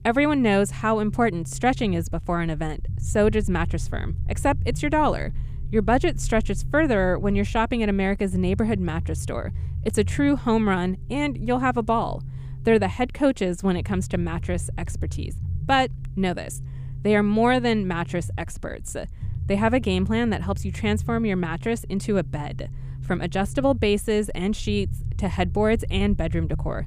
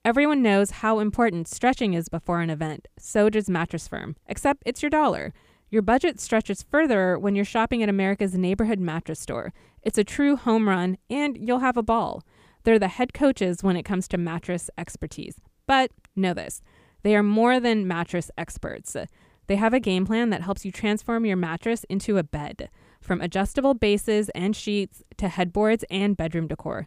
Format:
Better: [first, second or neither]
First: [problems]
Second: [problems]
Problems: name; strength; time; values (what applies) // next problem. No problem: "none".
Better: second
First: low rumble; faint; throughout; 20 dB below the speech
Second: none